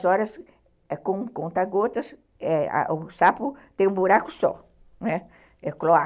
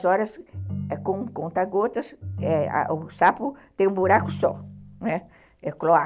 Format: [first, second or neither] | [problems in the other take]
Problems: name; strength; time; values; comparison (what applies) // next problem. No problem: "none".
first | background sound (Ringtone); 11 dB below the speech